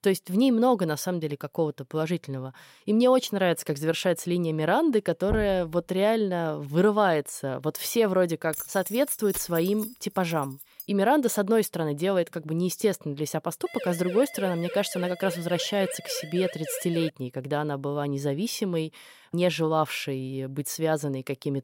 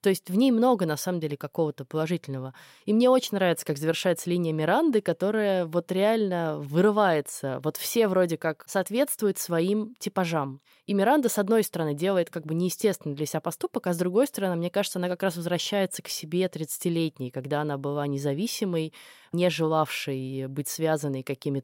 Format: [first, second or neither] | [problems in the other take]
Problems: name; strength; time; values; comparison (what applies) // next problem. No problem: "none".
second | door banging; noticeable; at 5.5 s; peak 8 dB below the speech // jangling keys; noticeable; from 8.5 to 11 s; peak 8 dB below the speech // siren; noticeable; from 14 to 17 s; peak 9 dB below the speech